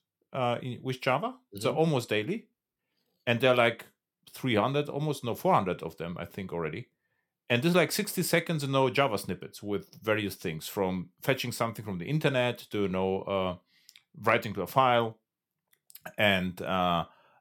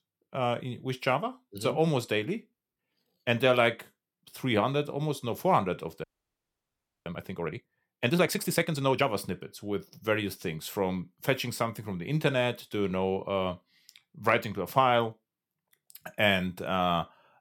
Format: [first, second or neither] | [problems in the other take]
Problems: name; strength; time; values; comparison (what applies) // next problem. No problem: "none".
first | audio freezing; at 6 s for 1 s